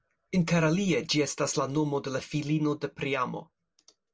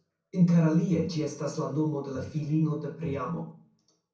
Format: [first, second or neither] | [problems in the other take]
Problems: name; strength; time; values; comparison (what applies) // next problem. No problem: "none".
first | background sound (Breathing); 18 dB below the speech // room echo; dies away in 0.6 s